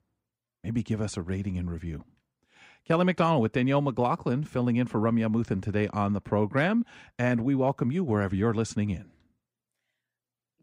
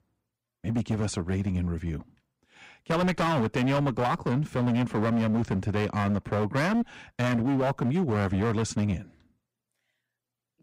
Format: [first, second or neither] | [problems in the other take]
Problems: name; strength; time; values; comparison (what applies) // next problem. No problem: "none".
first | distortion; heavy; 16% of the sound clipped